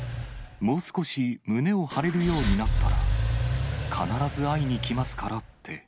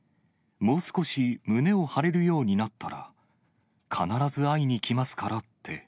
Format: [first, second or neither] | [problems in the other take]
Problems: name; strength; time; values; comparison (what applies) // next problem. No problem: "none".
second | background sound (Engine / Car); 1 dB below the speech